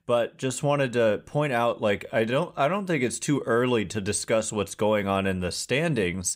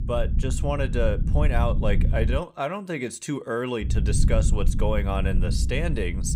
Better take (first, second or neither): first